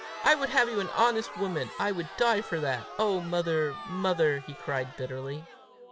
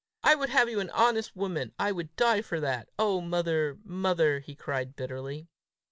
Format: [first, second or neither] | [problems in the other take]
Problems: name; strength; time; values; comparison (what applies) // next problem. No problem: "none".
second | background sound (Crowd); 13 dB below the speech